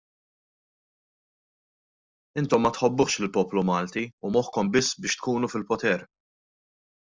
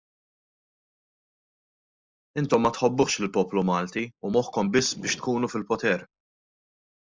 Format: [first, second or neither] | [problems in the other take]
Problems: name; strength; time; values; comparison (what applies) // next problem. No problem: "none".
first | noise reduction (neural mask model Resemble Enhance denoiser)